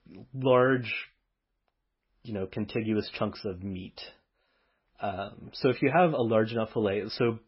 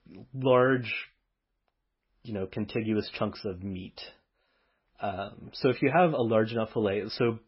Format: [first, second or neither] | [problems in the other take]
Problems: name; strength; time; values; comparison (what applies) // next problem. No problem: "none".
neither | garbled, watery; badly; nothing above 5.5 kHz; the same in both